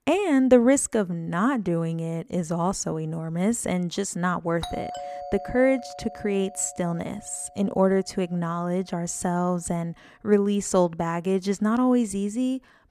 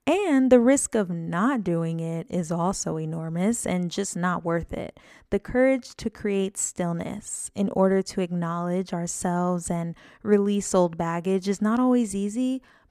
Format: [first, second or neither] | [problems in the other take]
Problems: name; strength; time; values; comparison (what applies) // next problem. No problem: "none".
second | doorbell; noticeable; from 4.5 to 7 s; peak 10 dB below the speech